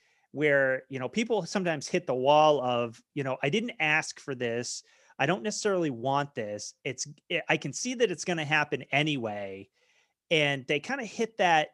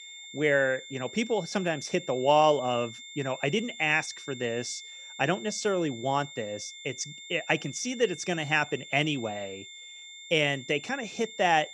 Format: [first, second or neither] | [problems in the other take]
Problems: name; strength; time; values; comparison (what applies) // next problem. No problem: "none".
first | high-pitched whine; noticeable; throughout; 3.5 kHz, 15 dB below the speech